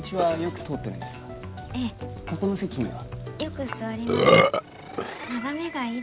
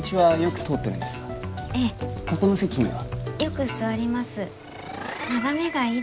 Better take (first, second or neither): second